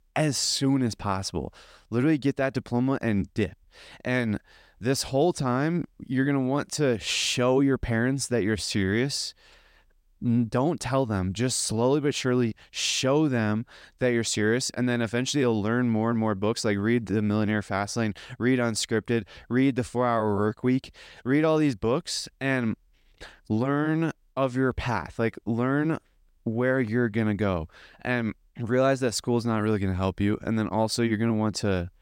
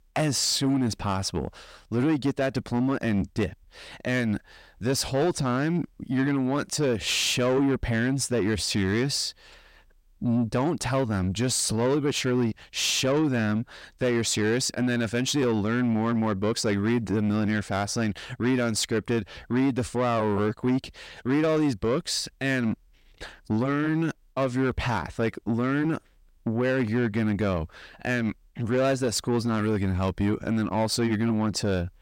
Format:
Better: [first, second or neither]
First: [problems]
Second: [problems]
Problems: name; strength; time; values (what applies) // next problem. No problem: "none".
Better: first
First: none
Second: distortion; slight; 10 dB below the speech